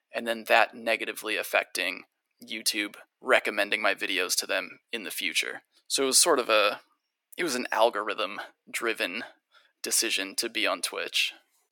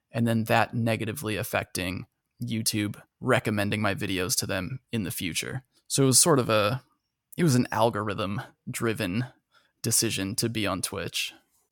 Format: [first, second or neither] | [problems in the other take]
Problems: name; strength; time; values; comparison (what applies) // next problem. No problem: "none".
second | thin; very; fading below 300 Hz